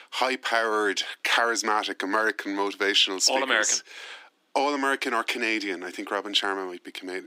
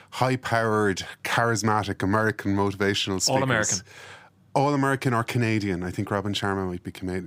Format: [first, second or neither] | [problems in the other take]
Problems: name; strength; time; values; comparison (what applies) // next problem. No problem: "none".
second | thin; somewhat; fading below 250 Hz